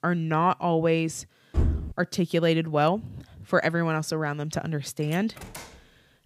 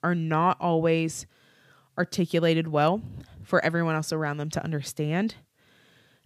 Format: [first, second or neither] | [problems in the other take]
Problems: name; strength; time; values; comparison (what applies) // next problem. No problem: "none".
second | door banging; noticeable; at 1.5 s; peak 1 dB below the speech // door banging; faint; at 5 s; peak 15 dB below the speech